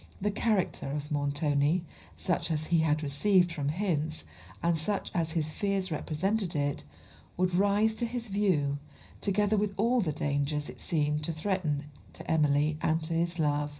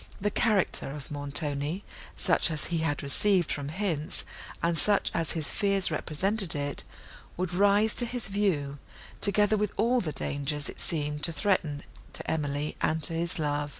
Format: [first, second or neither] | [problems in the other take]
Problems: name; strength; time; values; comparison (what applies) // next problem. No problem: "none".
second | room echo; dies away in 0.4 s